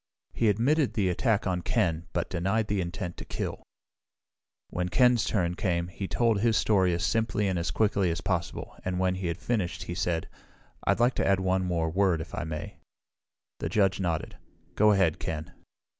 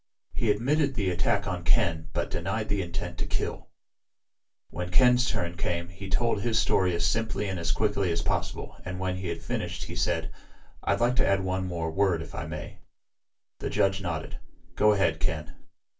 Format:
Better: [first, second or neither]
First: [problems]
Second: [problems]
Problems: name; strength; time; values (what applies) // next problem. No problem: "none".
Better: first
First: none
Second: room echo; dies away in 0.2 s